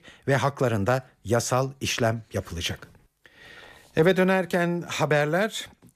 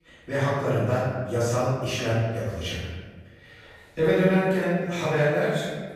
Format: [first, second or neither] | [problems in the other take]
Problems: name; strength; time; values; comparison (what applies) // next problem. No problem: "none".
first | room echo; strong; dies away in 1.3 s // off-mic speech; far